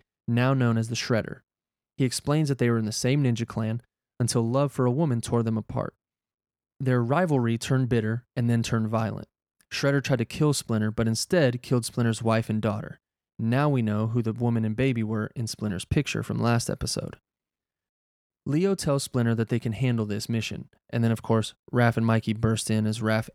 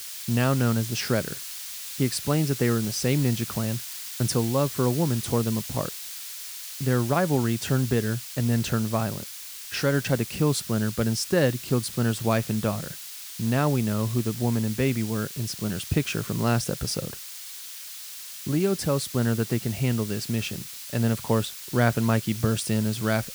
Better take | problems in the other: first | hiss; loud; throughout; 9 dB below the speech

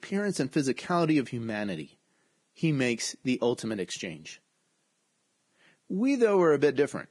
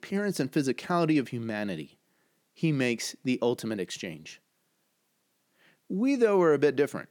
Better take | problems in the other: second | garbled, watery; badly; nothing above 10.5 kHz

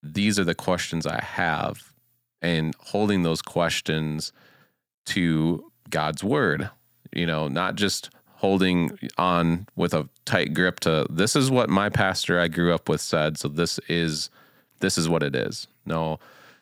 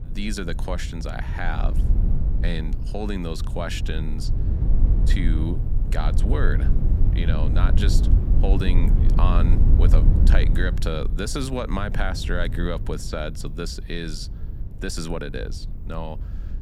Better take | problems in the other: first | low rumble; loud; throughout; 7 dB below the speech

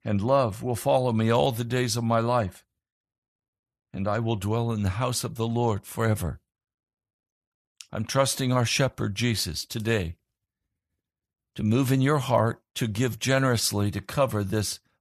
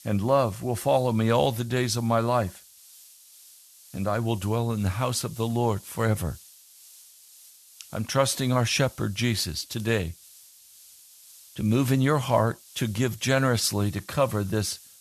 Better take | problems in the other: first | hiss; faint; throughout; 20 dB below the speech

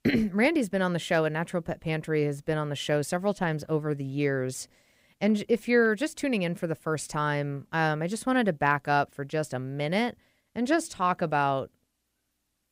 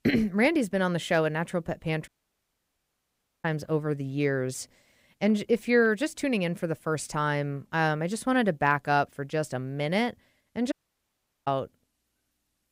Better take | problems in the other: first | audio cutting out; at 2 s for 1.5 s and at 11 s for 0.5 s

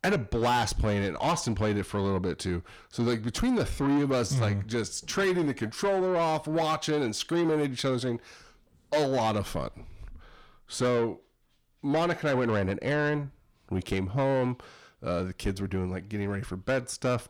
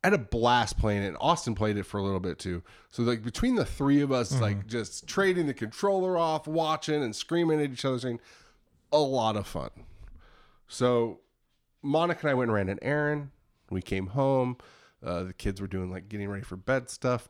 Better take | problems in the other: second | distortion; slight; 10 dB below the speech

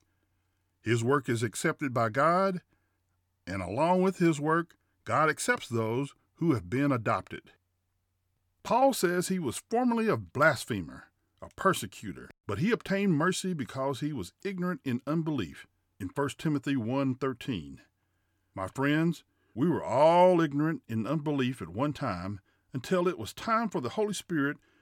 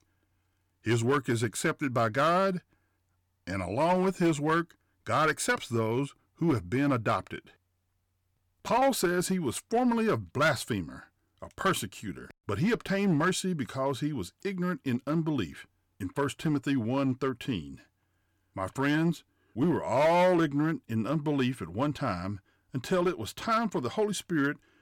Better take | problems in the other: first | distortion; slight; 5% of the sound clipped

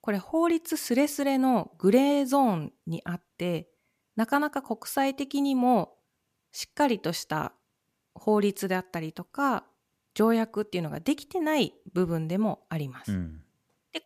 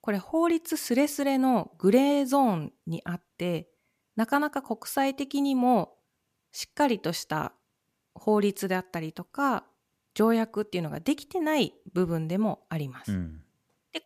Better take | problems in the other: neither | none

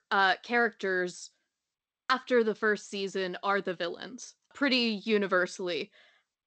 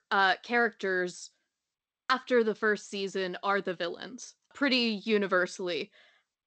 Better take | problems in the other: neither | garbled, watery; slightly; nothing above 8 kHz; the same in both

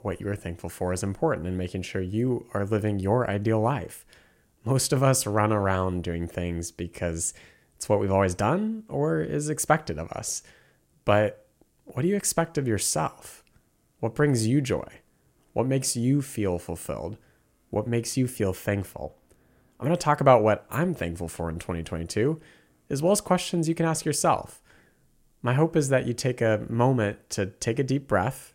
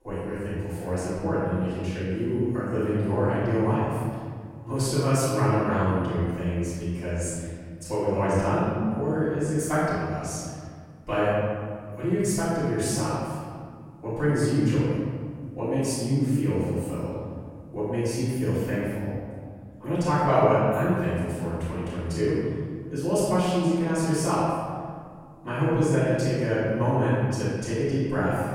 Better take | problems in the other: first | room echo; strong; dies away in 2 s // off-mic speech; far

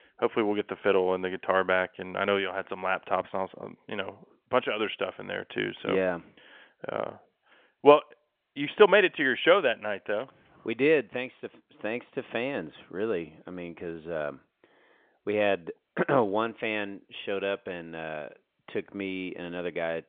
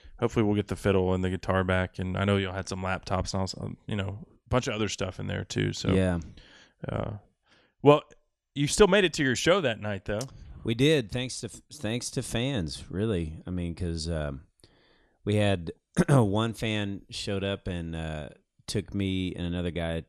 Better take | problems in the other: second | phone-call audio; nothing above 3.5 kHz

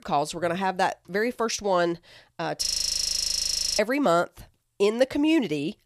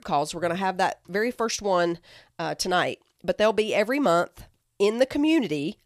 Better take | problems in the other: second | audio freezing; at 2.5 s for 1 s

